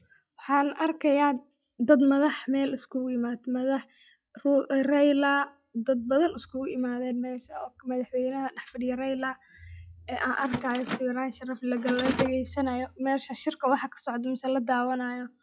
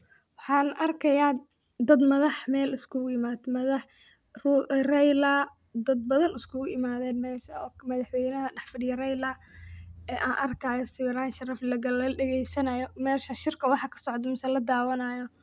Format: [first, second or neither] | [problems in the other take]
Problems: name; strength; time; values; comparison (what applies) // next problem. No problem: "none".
second | noise reduction (classical method log-MMSE)